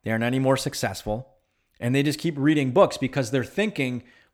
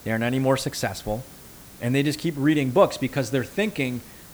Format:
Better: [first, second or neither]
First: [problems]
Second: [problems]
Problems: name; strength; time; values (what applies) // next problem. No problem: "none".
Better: first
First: none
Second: hiss; noticeable; throughout; 20 dB below the speech